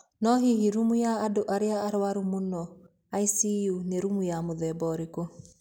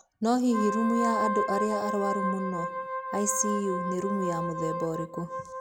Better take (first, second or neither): first